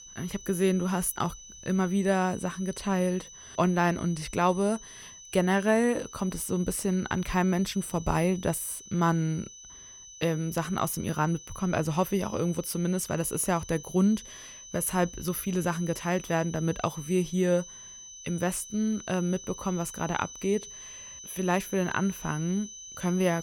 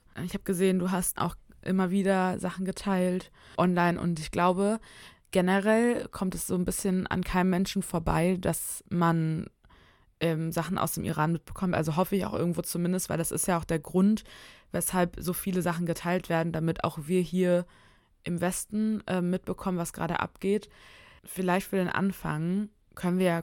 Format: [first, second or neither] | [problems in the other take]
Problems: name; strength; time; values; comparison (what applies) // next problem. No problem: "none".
second | high-pitched whine; noticeable; throughout; 6 kHz, 15 dB below the speech